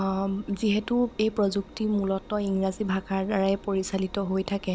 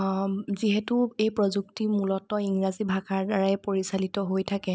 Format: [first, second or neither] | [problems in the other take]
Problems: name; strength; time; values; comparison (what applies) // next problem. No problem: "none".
second | background sound (Engine); 20 dB below the speech